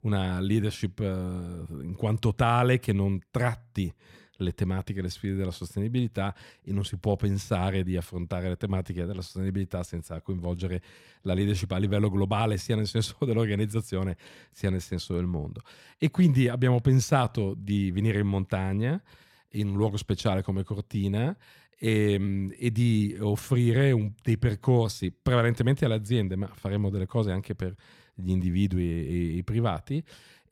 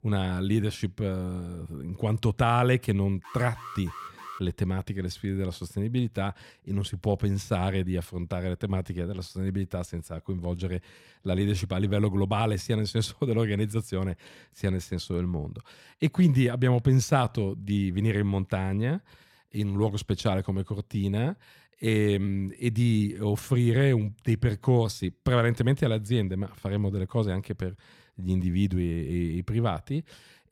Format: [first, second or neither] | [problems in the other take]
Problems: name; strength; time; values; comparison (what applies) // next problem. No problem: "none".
first | alarm; faint; from 3 to 4.5 s; peak 15 dB below the speech